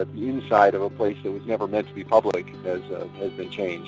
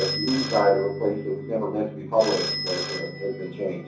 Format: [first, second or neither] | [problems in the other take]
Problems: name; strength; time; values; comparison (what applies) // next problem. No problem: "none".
first | background sound (Telephone); 8 dB below the speech // room echo; dies away in 0.6 s